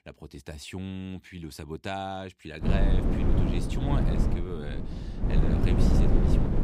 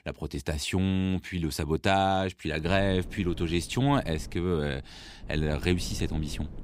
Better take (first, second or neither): second